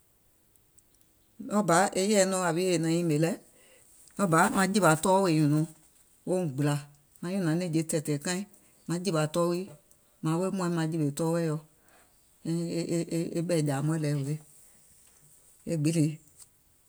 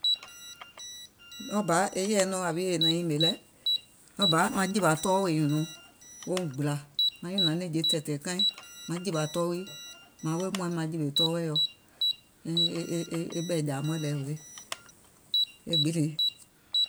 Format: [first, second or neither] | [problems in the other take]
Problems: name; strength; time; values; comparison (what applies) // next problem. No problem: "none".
first | background sound (Alarm); 3 dB below the speech